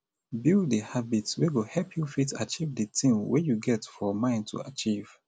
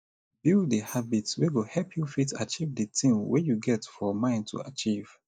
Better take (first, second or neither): first